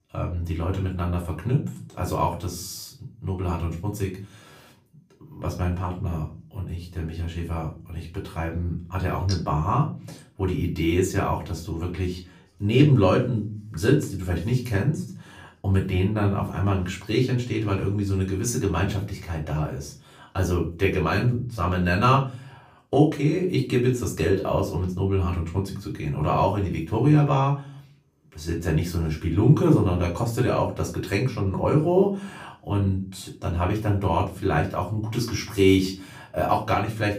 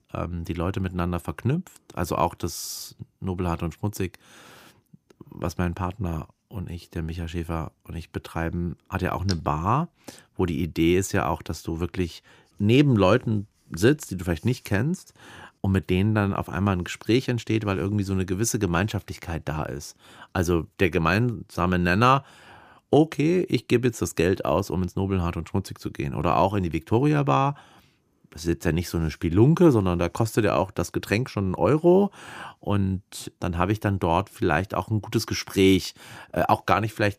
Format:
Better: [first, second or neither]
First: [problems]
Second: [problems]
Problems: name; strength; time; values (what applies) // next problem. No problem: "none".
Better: second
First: room echo; slight; dies away in 0.3 s // off-mic speech; far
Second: none